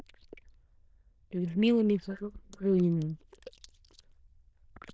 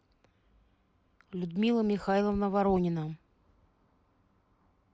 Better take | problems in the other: second | noise reduction (neural diffusion model UNIVERSE++)

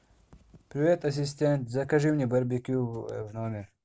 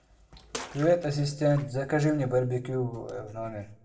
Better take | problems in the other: first | background sound (Bathtub (filling or washing) / Water / Splash, splatter); 16 dB below the speech // room echo; dies away in 0.6 s

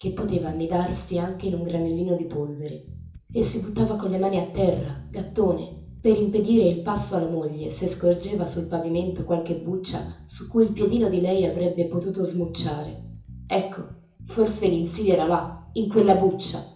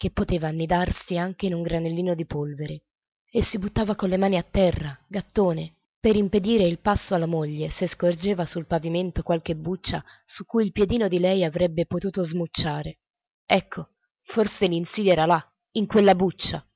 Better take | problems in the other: second | background sound (Bass guitar); 18 dB below the speech // room echo; dies away in 0.7 s

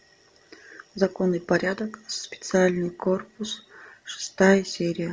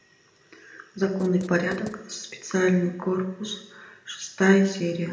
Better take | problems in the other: first | background sound (Writing); 18 dB below the speech // room echo; dies away in 0.8 s

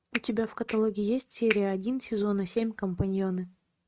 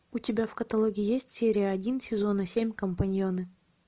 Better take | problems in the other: second | noise reduction (neural mask model RNNoise)

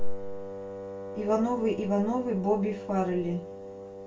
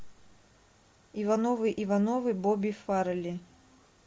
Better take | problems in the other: second | background sound (Wind instrument, woodwind instrument); 11 dB below the speech // room echo; dies away in 0.2 s

